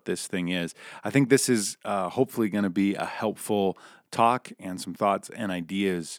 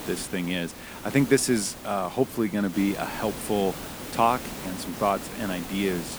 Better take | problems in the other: first | hiss; noticeable; throughout; 10 dB below the speech

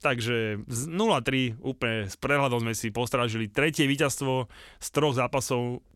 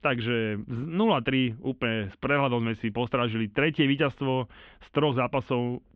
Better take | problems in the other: first | muffled; very; fading above 3 kHz

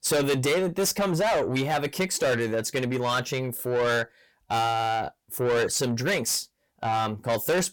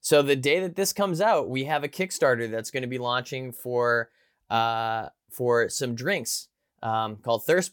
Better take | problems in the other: second | distortion; heavy; 6 dB below the speech

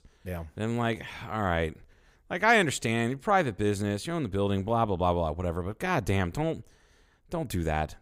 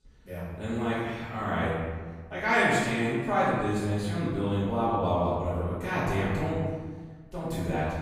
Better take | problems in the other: first | off-mic speech; far // room echo; strong; dies away in 1.4 s

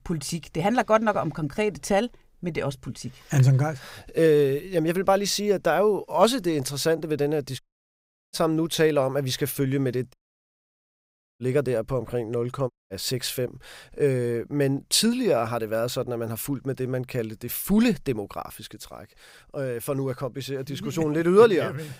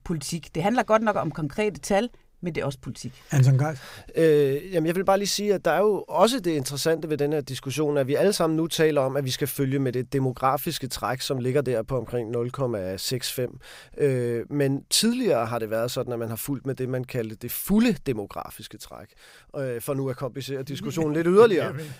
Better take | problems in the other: second | audio cutting out; at 7.5 s for 0.5 s, at 10 s for 1.5 s and at 13 s

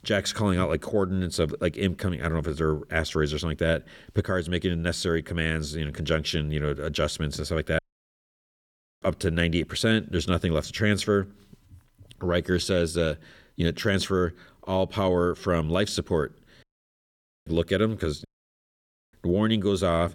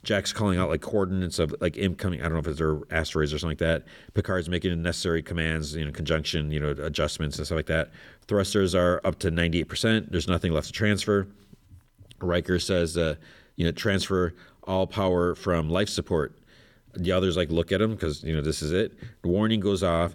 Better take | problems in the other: second | audio cutting out; at 8 s for 1 s, at 17 s for 1 s and at 18 s for 1 s

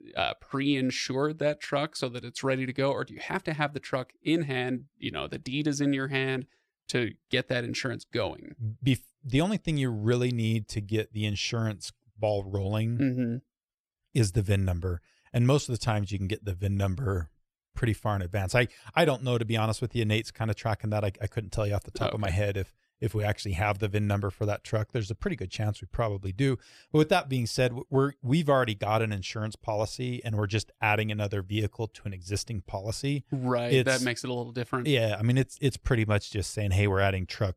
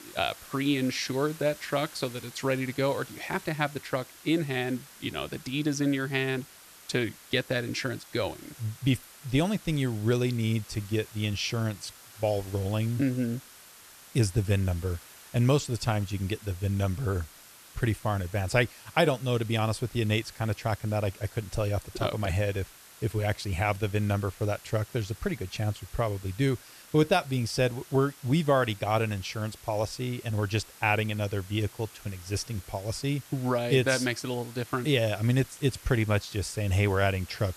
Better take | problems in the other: first | hiss; noticeable; throughout; 20 dB below the speech

